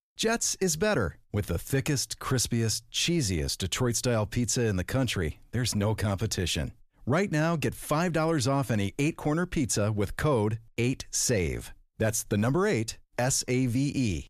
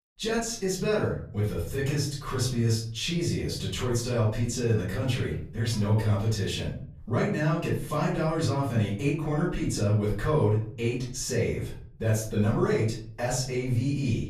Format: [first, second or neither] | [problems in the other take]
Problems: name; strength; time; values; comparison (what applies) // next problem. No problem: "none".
first | off-mic speech; far // room echo; noticeable; dies away in 0.6 s